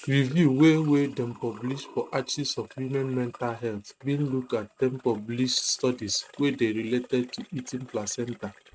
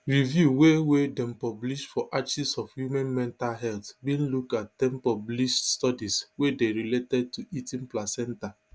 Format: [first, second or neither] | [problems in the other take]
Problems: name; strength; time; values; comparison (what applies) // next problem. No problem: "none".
second | noise reduction (neural mask model RNNoise)